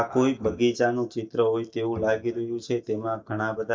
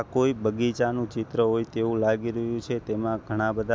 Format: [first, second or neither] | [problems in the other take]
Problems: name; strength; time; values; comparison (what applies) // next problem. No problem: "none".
second | noise reduction (neural mask model DeepFilterNet 3)